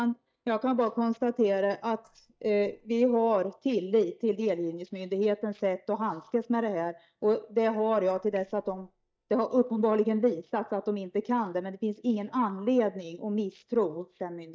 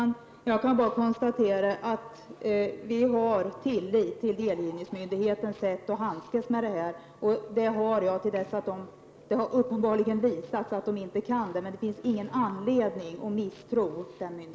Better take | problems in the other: second | noise reduction (neural mask model DeepFilterNet 3)

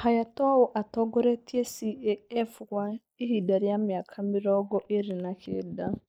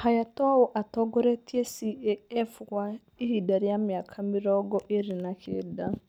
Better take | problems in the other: second | noise reduction (neural mask model Resemble Enhance denoiser)

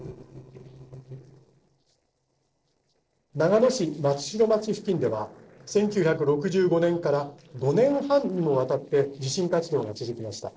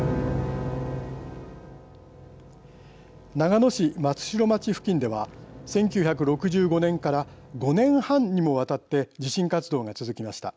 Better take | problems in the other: second | noise reduction (neural separator model SepFormer DNS4)

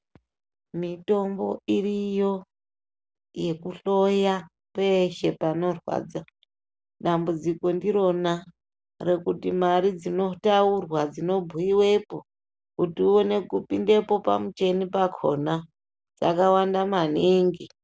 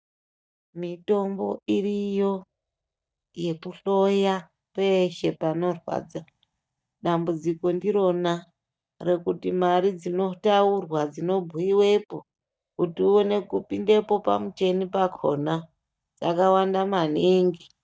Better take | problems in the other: first | noise reduction (neural mask model DeepFilterNet 3)

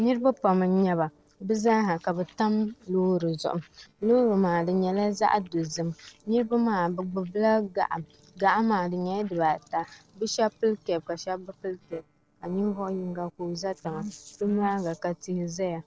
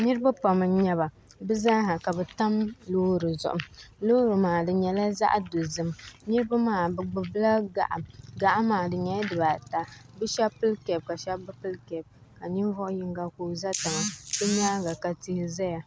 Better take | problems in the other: second | noise reduction (neural separator model SepFormer DNS4)

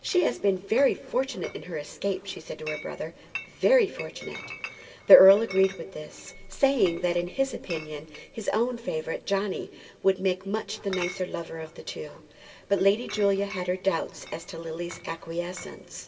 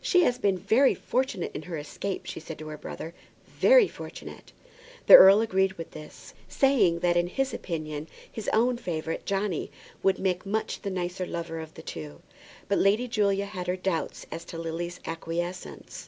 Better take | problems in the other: second | background sound (Chatter / Chink, clink); 18 dB below the speech // room echo; dies away in 1.6 s

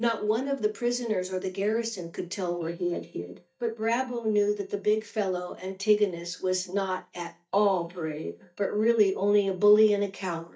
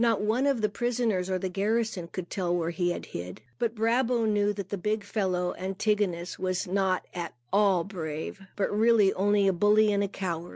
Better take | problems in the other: second | noise reduction (neural mask model DeepFilterNet 3)

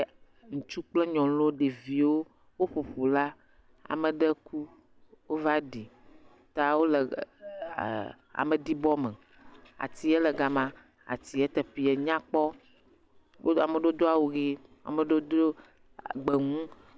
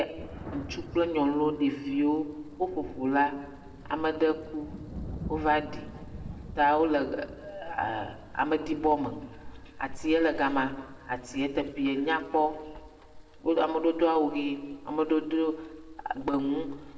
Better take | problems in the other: first | background sound (Thunder); 17 dB below the speech // room echo; dies away in 1.1 s

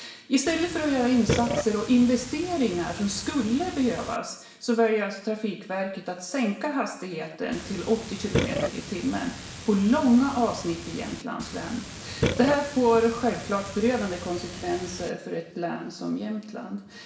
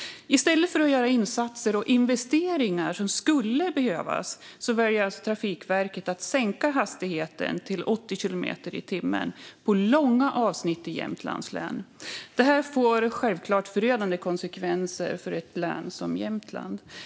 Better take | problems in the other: second | background sound (Burping, eructation); 7 dB below the speech // room echo; dies away in 0.7 s

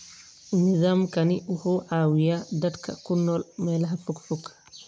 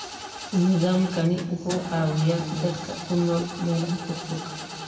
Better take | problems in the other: first | background sound (Engine starting / Car); 12 dB below the speech // room echo; dies away in 2.1 s

